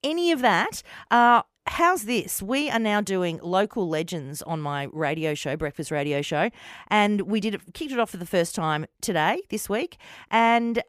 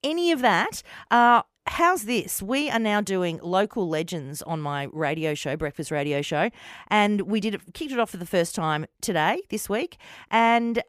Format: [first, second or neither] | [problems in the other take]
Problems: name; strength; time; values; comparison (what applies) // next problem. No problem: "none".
neither | none